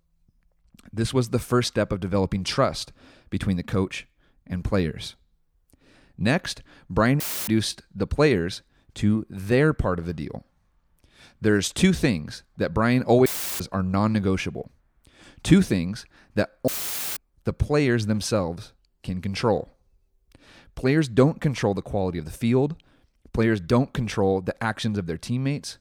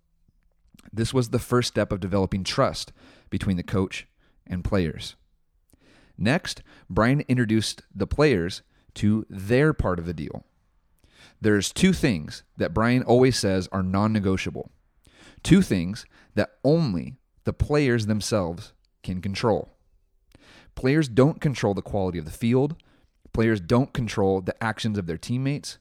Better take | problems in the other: second | audio cutting out; filled with static; at 7 s, at 13 s and at 17 s

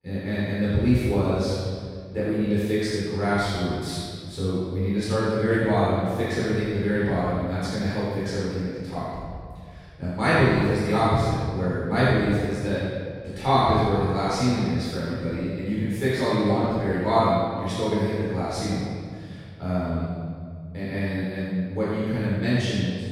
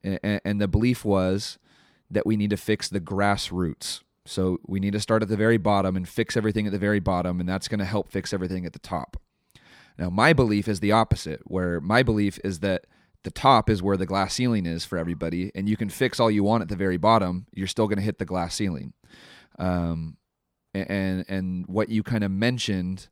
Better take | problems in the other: second | off-mic speech; far // room echo; strong; dies away in 1.9 s

